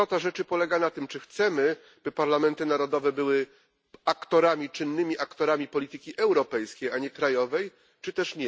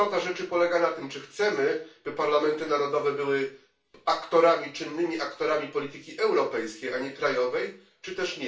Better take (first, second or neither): first